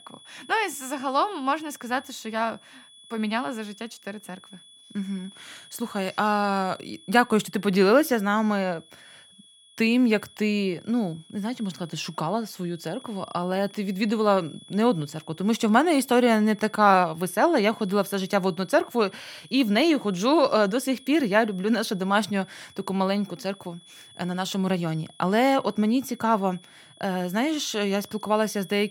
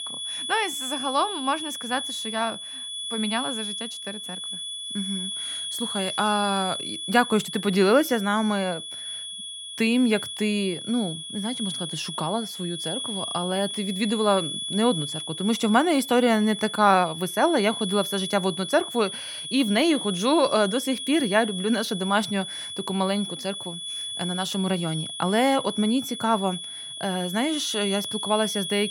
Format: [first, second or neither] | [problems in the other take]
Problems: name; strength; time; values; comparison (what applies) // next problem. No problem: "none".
first | high-pitched whine; loud; throughout; 3.5 kHz, 6 dB below the speech; faint in the first